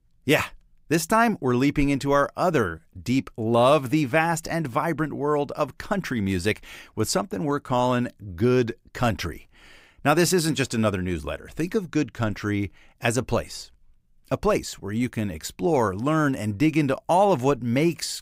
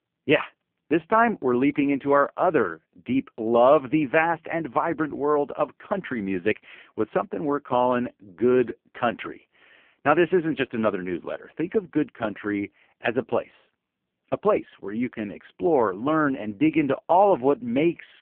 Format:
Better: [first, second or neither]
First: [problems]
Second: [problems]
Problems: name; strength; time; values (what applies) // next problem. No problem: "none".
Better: first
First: none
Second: phone-call audio; poor line